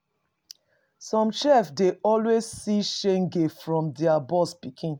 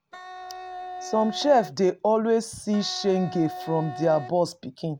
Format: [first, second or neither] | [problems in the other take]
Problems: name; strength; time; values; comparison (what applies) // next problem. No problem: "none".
first | background sound (Wind instrument, woodwind instrument); 13 dB below the speech